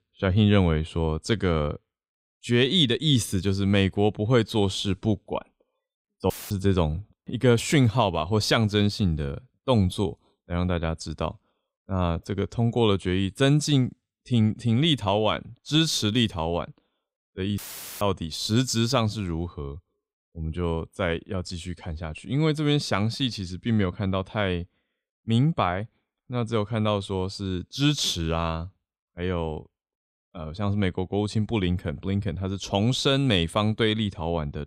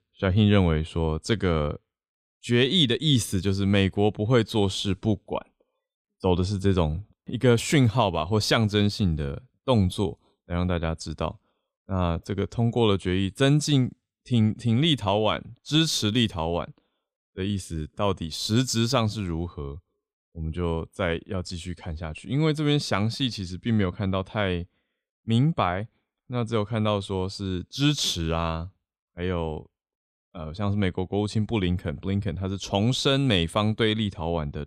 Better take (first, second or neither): second